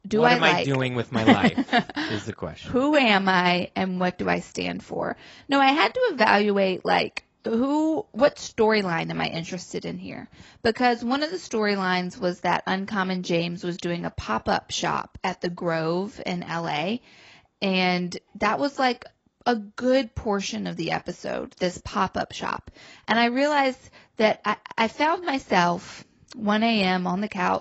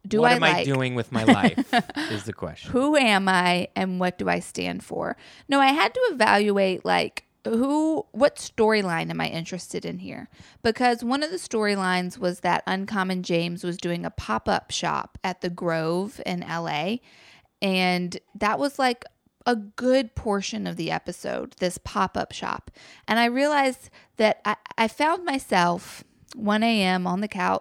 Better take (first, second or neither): second